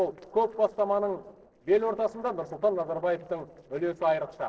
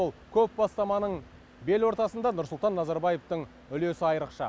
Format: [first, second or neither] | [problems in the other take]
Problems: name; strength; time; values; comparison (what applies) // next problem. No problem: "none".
second | noise reduction (neural separator model SepFormer DNS4)